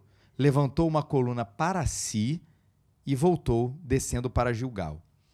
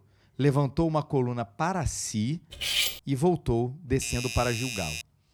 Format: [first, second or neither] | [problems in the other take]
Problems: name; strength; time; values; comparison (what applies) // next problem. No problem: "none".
first | clattering dishes; loud; at 2.5 s; peak 3 dB above the speech // doorbell; noticeable; from 4 s on; peak 4 dB below the speech